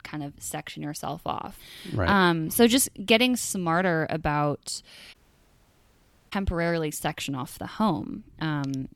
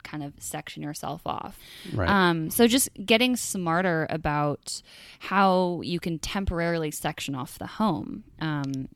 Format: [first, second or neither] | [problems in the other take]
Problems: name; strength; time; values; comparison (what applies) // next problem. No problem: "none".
second | audio cutting out; at 5 s for 1 s